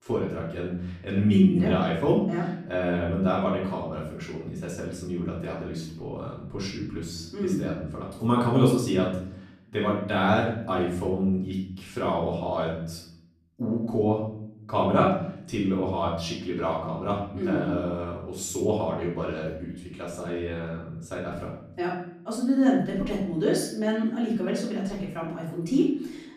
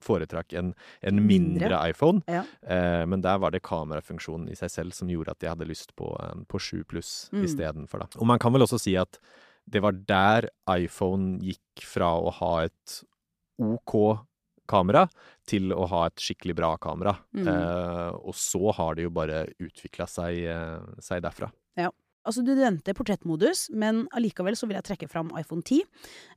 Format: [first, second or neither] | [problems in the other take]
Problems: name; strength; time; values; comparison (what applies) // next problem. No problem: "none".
second | off-mic speech; far // room echo; noticeable; dies away in 0.7 s